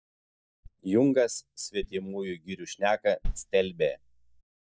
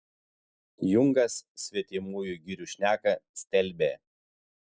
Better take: second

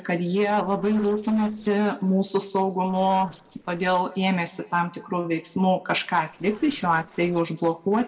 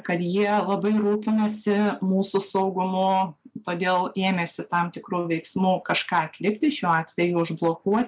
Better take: second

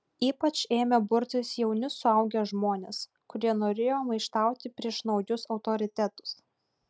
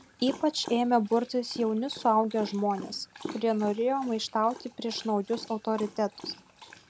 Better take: first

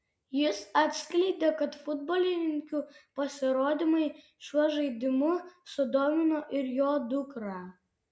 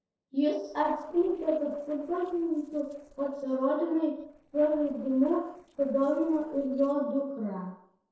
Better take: first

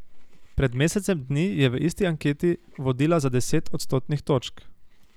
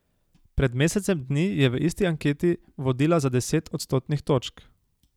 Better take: second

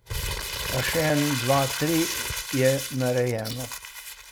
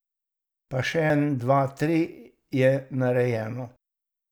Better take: second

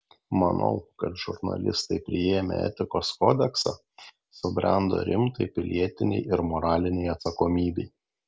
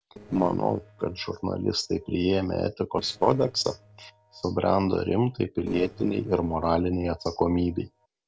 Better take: first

